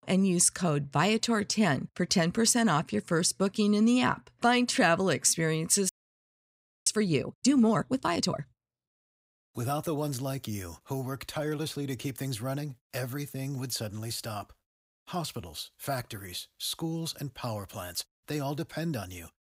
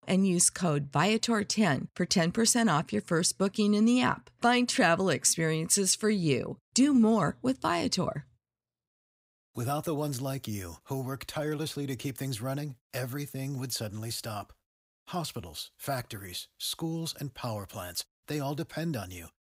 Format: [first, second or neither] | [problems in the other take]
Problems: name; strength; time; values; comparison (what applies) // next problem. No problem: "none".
second | audio freezing; at 6 s for 1 s